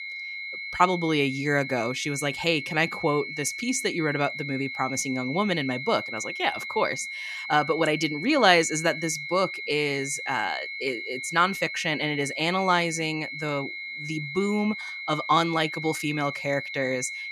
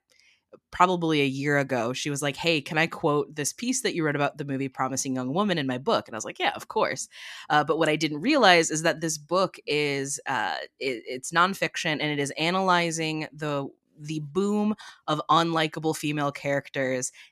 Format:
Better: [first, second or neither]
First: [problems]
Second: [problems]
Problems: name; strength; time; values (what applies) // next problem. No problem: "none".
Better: second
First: high-pitched whine; loud; throughout; 2 kHz, 7 dB below the speech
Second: none